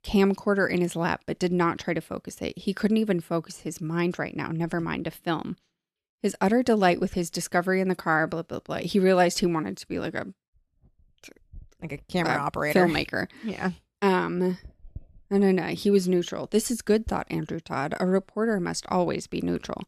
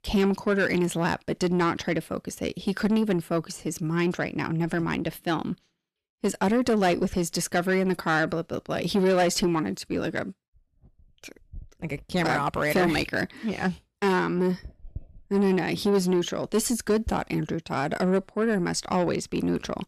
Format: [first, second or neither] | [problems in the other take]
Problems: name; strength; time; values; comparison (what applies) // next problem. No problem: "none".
first | distortion; slight; 10 dB below the speech